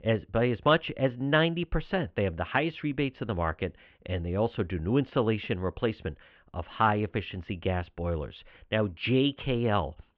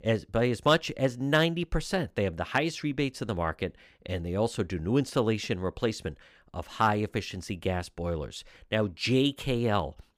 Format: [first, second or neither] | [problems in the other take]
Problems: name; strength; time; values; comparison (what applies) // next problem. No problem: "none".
second | muffled; very; fading above 3 kHz